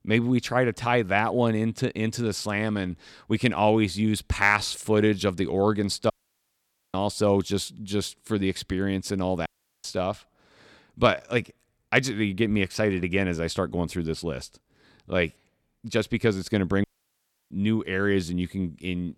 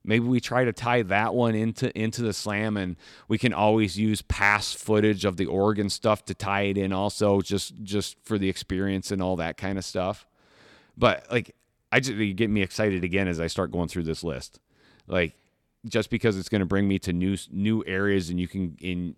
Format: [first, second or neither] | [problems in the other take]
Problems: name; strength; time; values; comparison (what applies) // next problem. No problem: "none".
second | audio cutting out; at 6 s for 1 s, at 9.5 s and at 17 s for 0.5 s